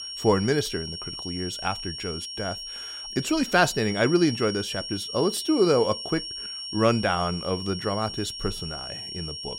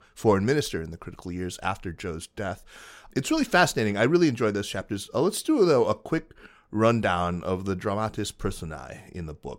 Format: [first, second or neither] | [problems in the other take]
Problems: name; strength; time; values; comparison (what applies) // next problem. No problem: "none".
second | high-pitched whine; loud; throughout; 5.5 kHz, 7 dB below the speech